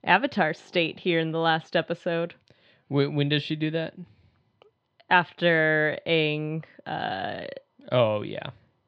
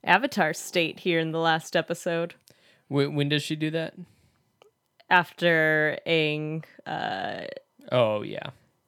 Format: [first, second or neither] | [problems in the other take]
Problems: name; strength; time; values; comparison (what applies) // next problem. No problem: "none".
second | muffled; very slightly; fading above 4 kHz